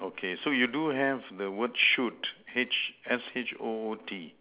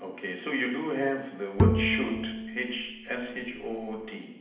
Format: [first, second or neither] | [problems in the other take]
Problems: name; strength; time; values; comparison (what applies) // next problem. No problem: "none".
first | background sound (Bowed string instrument); 3 dB above the speech // room echo; dies away in 0.8 s